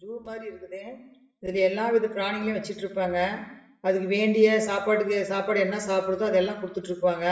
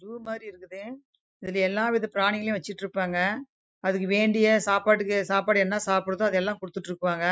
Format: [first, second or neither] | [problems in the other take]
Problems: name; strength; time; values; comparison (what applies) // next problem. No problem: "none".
second | room echo; dies away in 0.8 s